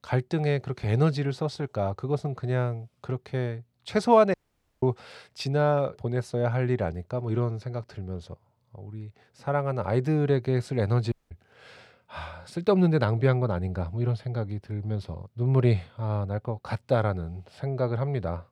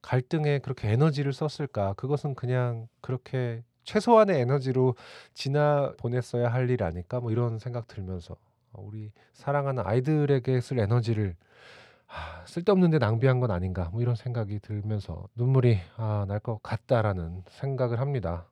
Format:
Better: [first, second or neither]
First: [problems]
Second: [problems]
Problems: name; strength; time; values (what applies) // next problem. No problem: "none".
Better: second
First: audio cutting out; at 4.5 s and at 11 s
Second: none